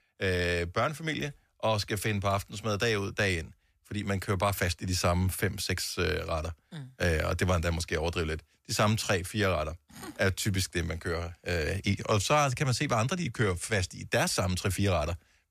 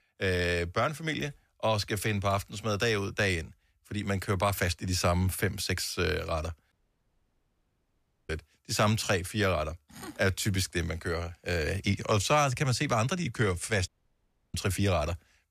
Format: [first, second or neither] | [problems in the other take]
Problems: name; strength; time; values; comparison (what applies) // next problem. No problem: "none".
first | audio cutting out; at 6.5 s for 1.5 s and at 14 s for 0.5 s